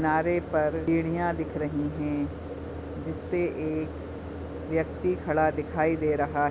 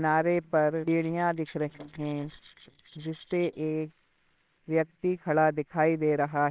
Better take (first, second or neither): first